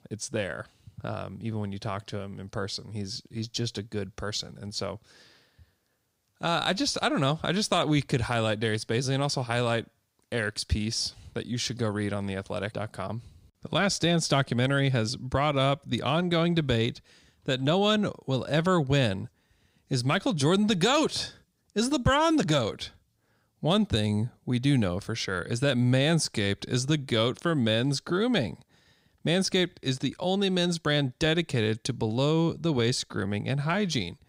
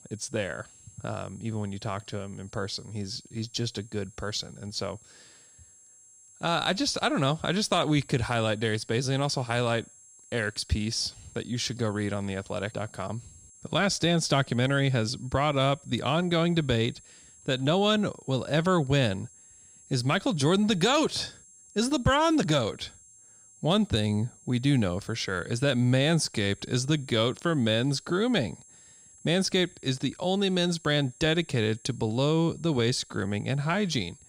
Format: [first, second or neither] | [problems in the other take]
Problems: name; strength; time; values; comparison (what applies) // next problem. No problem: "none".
first | high-pitched whine; faint; throughout; 7.5 kHz, 25 dB below the speech